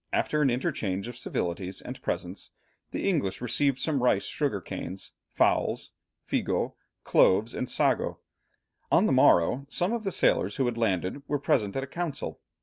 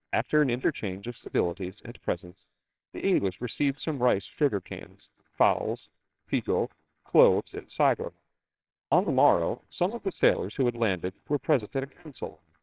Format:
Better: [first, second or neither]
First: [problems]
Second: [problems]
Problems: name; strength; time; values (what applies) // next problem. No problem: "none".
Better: first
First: none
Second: noise reduction (neural separator model SepFormer WHAMR!)